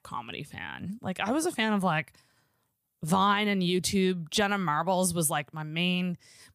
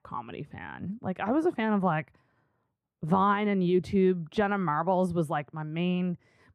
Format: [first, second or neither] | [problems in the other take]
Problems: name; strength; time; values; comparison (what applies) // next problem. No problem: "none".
first | muffled; very; fading above 3 kHz